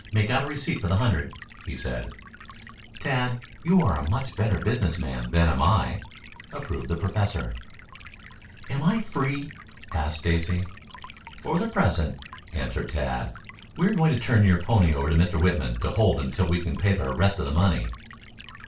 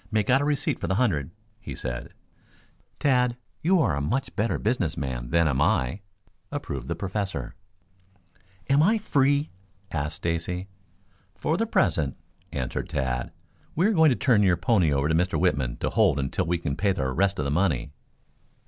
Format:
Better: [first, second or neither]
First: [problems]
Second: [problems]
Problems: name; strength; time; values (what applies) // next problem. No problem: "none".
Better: second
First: background sound (Stream); 19 dB below the speech // room echo; dies away in 0.3 s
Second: none